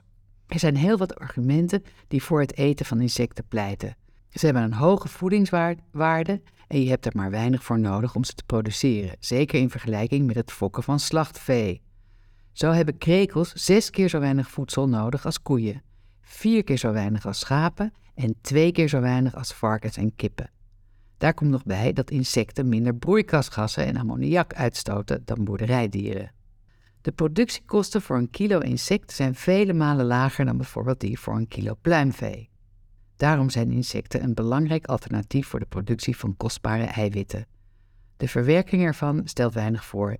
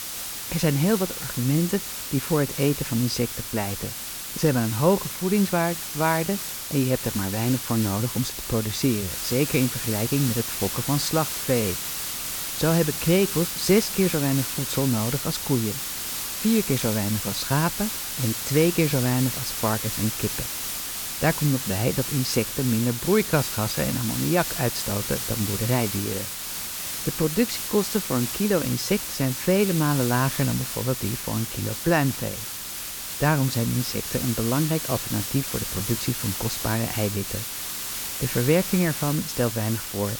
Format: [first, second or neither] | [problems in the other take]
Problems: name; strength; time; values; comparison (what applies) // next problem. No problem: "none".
first | hiss; loud; throughout; 3 dB below the speech